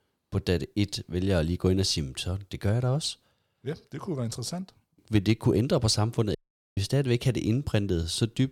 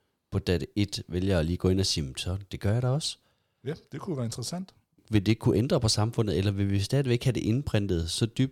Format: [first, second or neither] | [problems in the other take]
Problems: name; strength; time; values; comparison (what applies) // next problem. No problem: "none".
second | audio cutting out; at 6.5 s